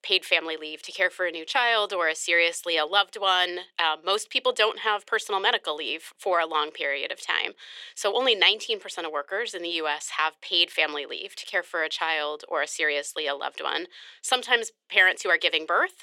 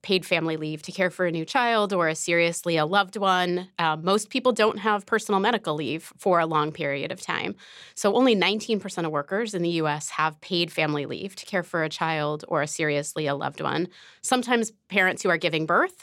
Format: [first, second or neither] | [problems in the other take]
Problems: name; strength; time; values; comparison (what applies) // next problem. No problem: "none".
second | thin; very; fading below 400 Hz